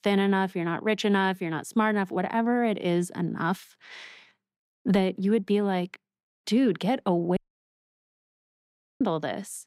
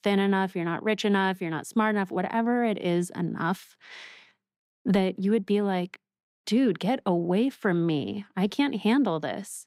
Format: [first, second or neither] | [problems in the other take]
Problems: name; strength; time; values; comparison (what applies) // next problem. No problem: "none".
second | audio cutting out; at 7.5 s for 1.5 s